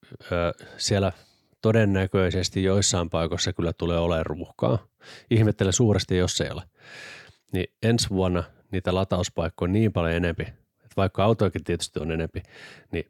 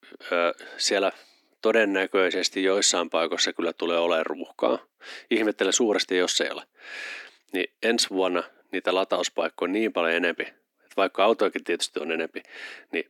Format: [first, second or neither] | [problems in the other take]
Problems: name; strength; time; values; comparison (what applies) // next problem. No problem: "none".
first | thin; somewhat; fading below 250 Hz